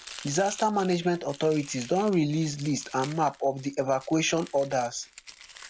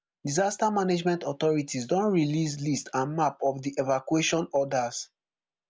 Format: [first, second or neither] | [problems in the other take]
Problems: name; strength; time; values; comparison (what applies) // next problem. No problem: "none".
second | background sound (Domestic sounds, home sounds); 19 dB below the speech